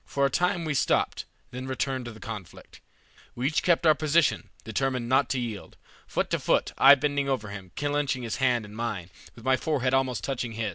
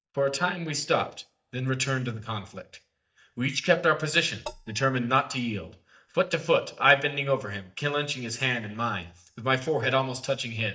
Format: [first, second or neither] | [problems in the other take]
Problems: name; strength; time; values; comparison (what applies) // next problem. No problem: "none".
first | noise reduction (neural mask model DeepFilterNet 3)